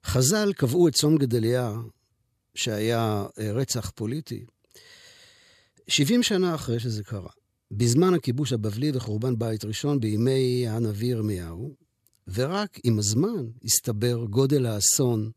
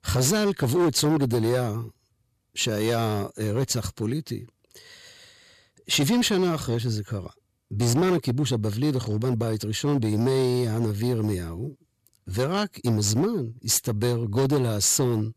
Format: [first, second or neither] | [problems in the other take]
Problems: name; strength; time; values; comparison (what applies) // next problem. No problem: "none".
first | distortion; slight; 9% of the sound clipped